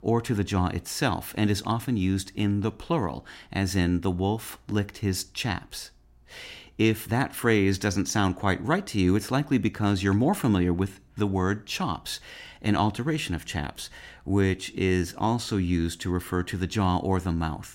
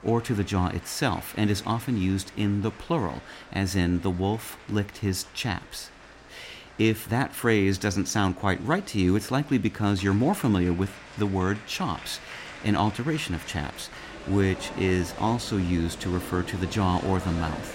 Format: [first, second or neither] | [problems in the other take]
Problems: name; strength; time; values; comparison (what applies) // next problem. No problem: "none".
first | crowd noise; noticeable; throughout; 15 dB below the speech